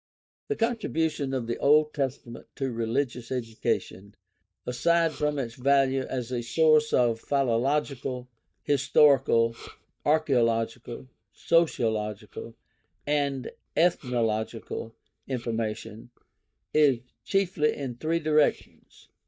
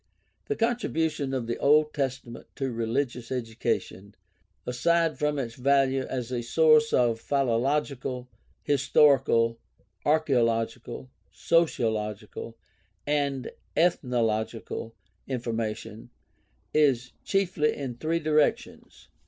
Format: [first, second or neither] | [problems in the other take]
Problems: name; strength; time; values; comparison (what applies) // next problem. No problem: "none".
second | noise reduction (neural mask model DeepFilterNet 3)